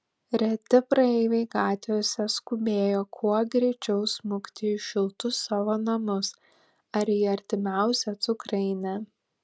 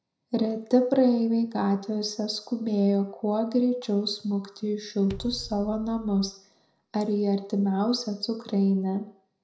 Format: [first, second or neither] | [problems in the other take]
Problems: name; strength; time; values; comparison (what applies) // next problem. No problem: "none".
first | background sound (Bass drum); 19 dB below the speech // room echo; dies away in 0.5 s